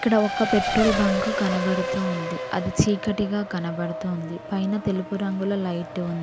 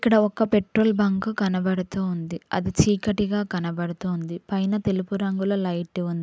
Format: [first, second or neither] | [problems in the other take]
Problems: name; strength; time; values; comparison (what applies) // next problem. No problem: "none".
second | background sound (Race car, auto racing); 5 dB below the speech